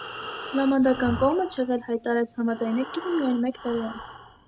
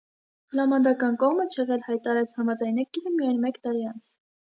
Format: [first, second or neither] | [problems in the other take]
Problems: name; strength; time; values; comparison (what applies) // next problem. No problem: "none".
second | background sound (Breathing); 13 dB below the speech